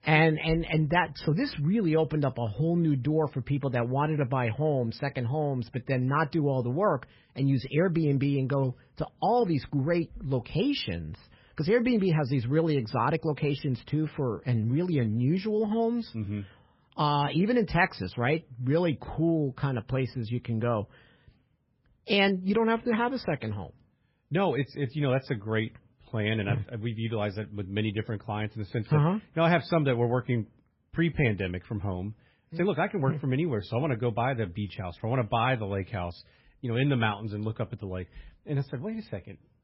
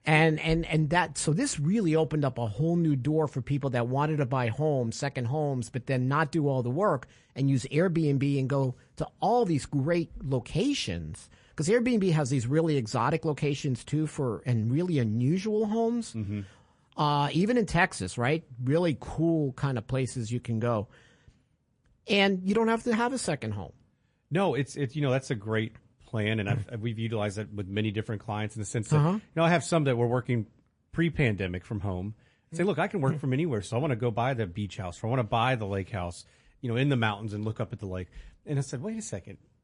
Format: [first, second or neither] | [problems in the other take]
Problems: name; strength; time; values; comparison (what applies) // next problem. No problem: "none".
second | garbled, watery; badly; nothing above 5.5 kHz; slightly in the second